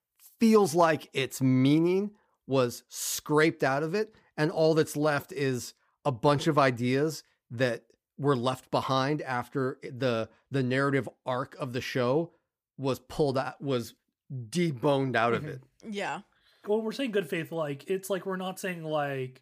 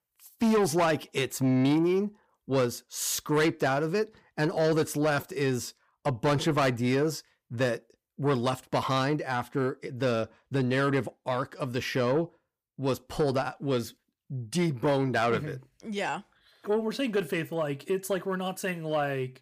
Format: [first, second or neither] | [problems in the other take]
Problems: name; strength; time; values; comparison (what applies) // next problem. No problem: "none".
first | distortion; slight; 10 dB below the speech